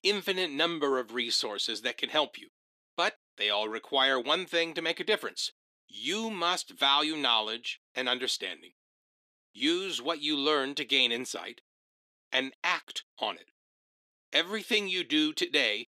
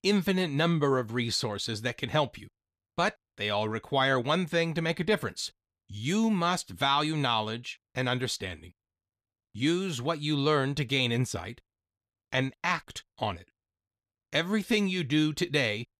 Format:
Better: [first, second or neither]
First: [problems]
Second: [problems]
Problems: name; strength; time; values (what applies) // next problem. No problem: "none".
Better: second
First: thin; somewhat; fading below 300 Hz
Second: none